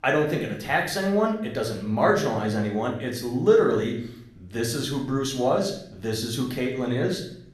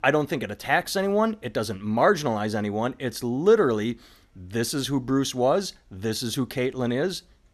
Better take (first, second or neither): second